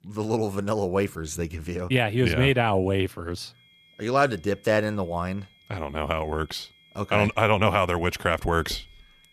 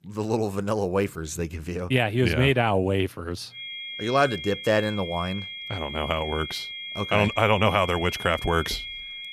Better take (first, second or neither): first